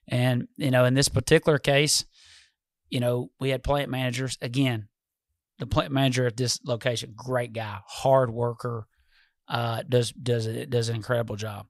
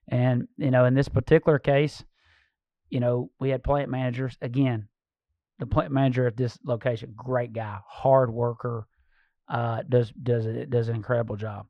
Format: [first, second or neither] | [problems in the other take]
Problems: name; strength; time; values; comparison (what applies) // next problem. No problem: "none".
first | muffled; very; fading above 4 kHz